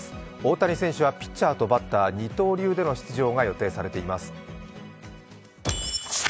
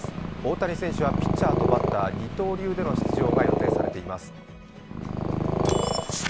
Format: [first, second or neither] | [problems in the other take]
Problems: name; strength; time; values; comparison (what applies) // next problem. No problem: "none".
first | background sound (Purr); 4 dB above the speech